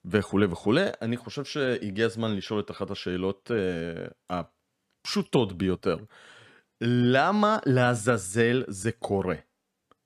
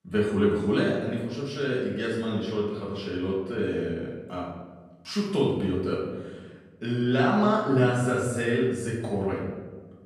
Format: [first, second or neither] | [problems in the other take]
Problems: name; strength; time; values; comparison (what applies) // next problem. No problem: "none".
first | off-mic speech; far // room echo; noticeable; dies away in 1.1 s